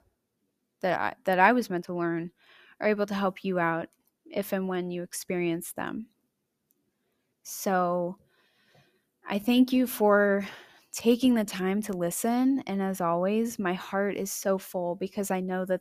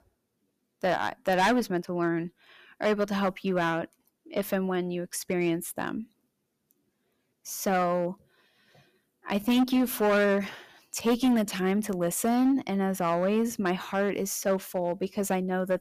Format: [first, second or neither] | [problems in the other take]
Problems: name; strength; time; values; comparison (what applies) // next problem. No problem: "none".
first | distortion; slight; 5% of the sound clipped